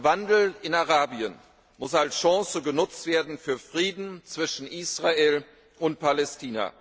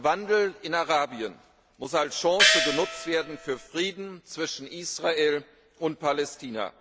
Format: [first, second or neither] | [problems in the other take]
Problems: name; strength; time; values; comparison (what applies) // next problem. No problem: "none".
first | background sound (Gong); 3 dB above the speech